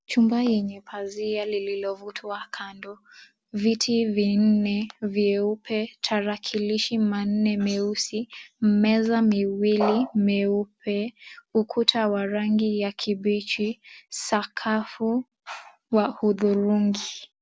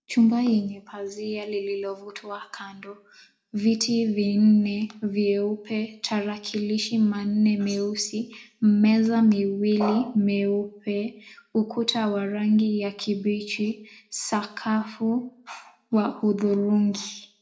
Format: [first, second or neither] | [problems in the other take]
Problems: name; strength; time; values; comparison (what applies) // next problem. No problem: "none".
first | room echo; dies away in 0.3 s